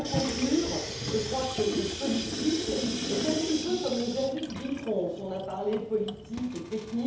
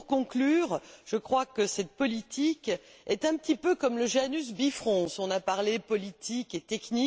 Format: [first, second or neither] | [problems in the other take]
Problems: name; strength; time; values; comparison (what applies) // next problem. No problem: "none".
second | background sound (Sink (filling or washing) / Water tap, faucet); 4 dB below the speech // room echo; dies away in 0.8 s